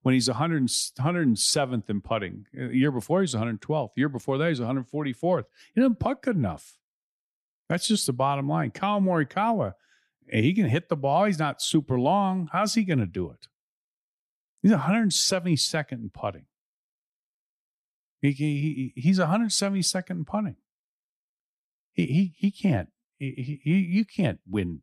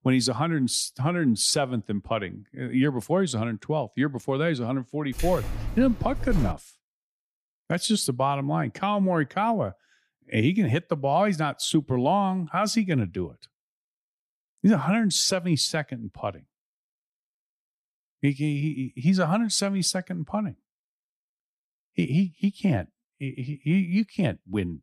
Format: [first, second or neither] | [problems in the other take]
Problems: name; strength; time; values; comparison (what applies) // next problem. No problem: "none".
first | jangling keys; noticeable; from 5 to 6.5 s; peak 8 dB below the speech